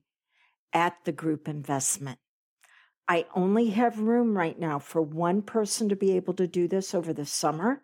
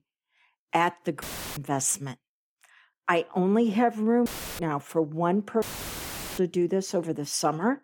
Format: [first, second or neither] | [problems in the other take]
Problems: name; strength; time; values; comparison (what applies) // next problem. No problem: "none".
first | audio cutting out; filled with static; at 1 s, at 4.5 s and at 5.5 s for 1 s